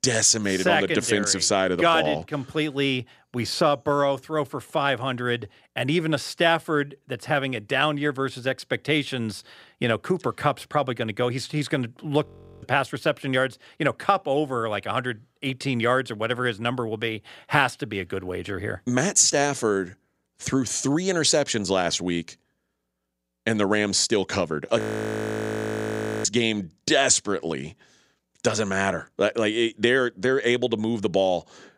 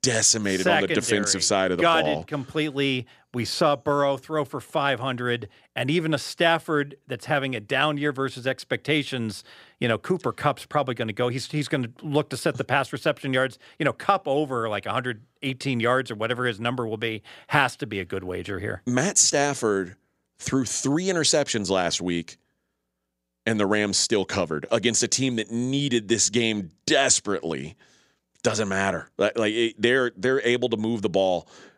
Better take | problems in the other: second | audio freezing; at 12 s and at 25 s for 1.5 s

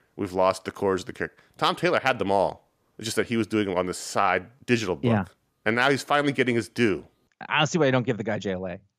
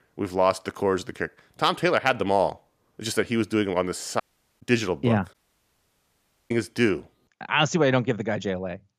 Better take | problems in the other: first | audio cutting out; at 4 s and at 5.5 s for 1 s

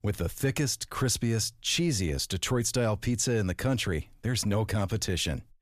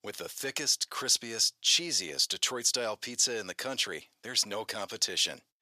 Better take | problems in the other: first | thin; very; fading below 500 Hz

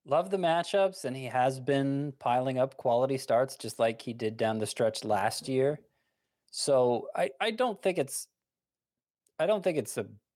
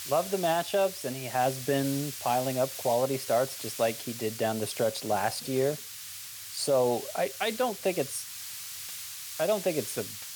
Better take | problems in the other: first | hiss; loud; throughout; 8 dB below the speech

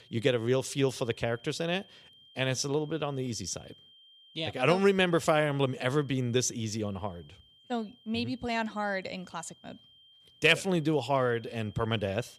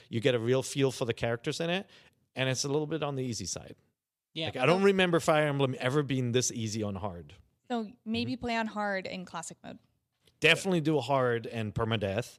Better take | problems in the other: second | high-pitched whine; faint; throughout; 3 kHz, 25 dB below the speech

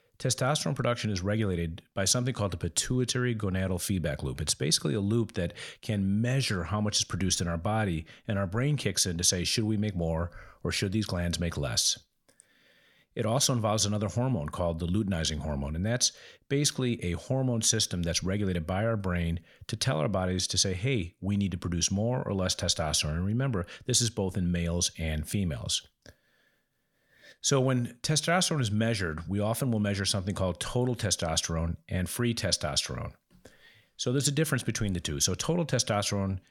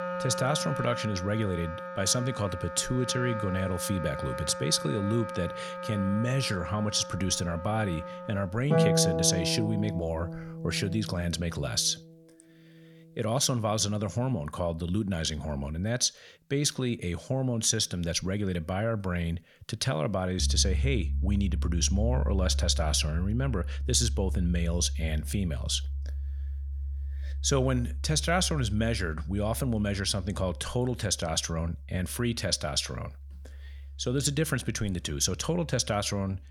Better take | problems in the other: first | background music; loud; throughout; 5 dB below the speech

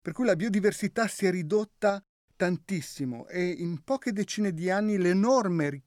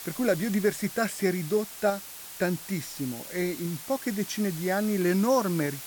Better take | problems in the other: first | hiss; noticeable; throughout; 10 dB below the speech

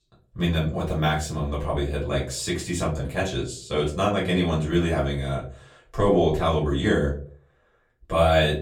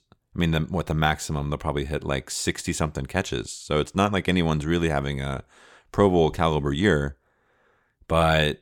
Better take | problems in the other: second | room echo; slight; dies away in 0.4 s // off-mic speech; far

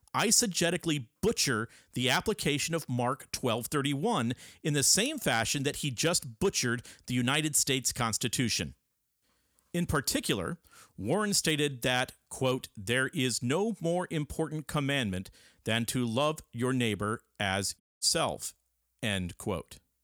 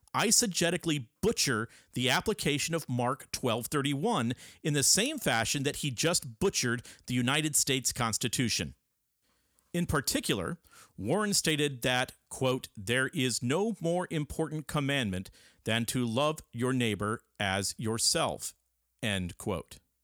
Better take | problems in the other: second | audio cutting out; at 18 s

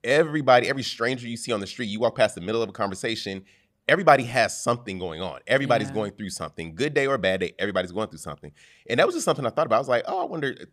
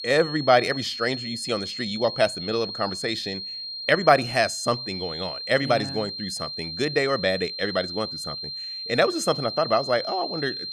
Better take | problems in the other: first | high-pitched whine; loud; throughout; 4 kHz, 7 dB below the speech

